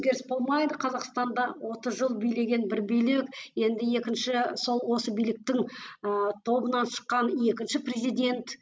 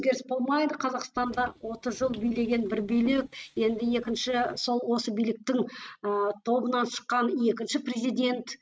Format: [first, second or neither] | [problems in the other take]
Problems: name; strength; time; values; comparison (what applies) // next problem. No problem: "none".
first | noise reduction (neural mask model RNNoise)